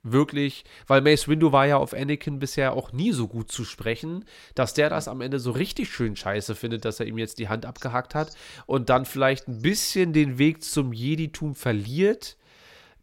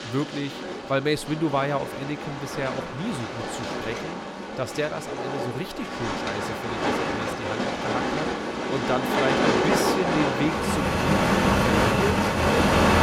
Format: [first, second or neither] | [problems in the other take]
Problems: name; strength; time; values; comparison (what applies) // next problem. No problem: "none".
first | train or aircraft noise; very loud; throughout; 5 dB above the speech